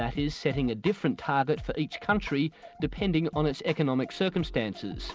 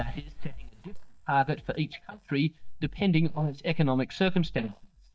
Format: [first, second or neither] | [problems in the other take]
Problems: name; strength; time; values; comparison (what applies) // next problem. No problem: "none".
first | noise reduction (neural mask model DeepFilterNet 3)